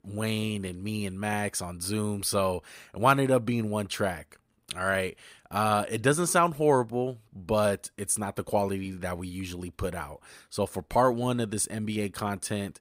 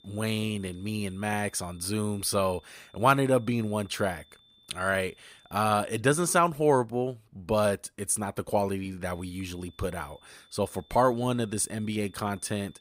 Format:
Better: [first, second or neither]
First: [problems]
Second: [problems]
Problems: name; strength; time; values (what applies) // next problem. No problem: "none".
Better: first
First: none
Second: high-pitched whine; faint; until 6 s and from 9 s on; 3.5 kHz, 30 dB below the speech